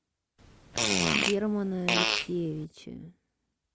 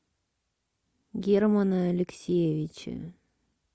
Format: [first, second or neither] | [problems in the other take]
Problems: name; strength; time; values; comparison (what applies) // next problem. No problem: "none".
second | background sound (Fart); 4 dB above the speech